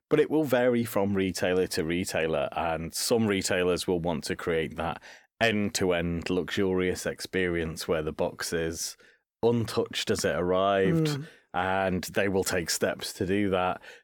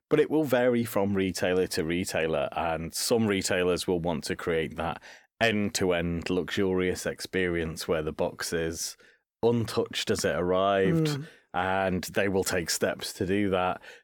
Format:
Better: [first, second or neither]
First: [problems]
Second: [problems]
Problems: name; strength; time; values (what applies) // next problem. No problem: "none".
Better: neither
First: none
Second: none